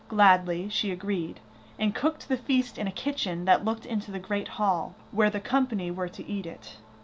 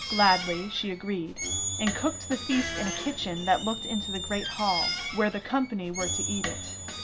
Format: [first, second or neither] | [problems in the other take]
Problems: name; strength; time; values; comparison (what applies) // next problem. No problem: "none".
first | background sound (Squeak); 4 dB below the speech